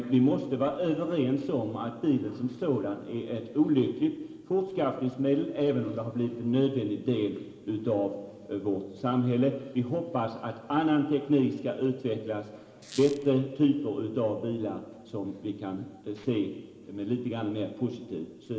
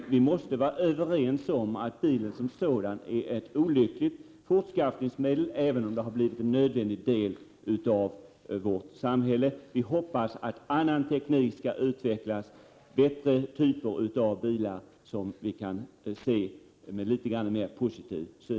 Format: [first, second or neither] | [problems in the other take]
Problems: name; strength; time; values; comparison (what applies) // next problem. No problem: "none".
second | background sound (Squeak); 18 dB below the speech // room echo; dies away in 2 s